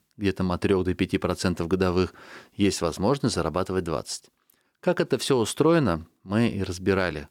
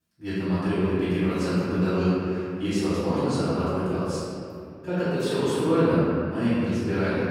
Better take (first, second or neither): first